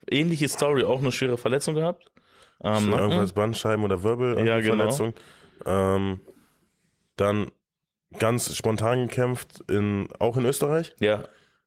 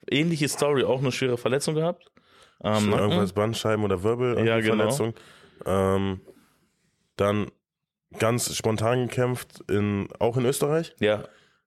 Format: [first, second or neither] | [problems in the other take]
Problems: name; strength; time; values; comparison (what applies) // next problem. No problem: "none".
second | garbled, watery; slightly; nothing above 16.5 kHz